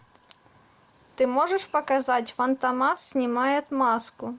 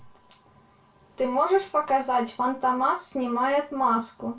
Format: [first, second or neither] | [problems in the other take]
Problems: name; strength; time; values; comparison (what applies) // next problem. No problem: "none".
first | room echo; dies away in 0.2 s